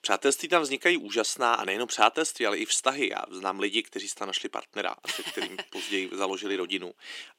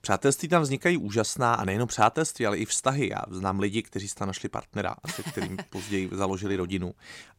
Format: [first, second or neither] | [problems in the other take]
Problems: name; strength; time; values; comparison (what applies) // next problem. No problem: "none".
second | thin; somewhat; fading below 300 Hz